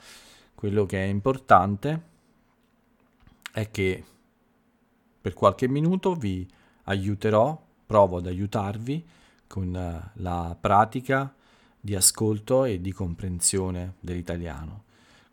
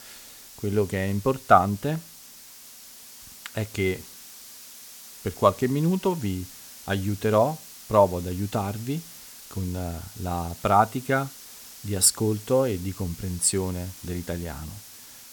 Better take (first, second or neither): first